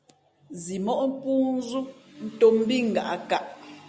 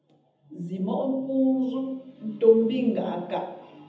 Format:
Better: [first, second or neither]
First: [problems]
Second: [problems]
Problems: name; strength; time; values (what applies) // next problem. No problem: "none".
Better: first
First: none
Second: room echo; dies away in 0.8 s